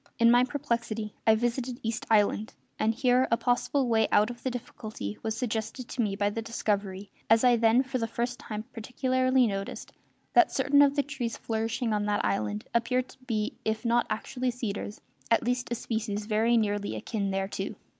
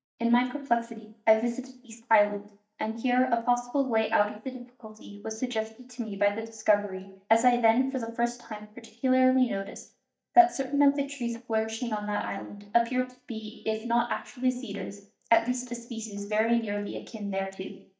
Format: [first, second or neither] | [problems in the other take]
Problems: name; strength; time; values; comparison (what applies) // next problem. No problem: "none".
first | noise reduction (neural mask model DeepFilterNet 3)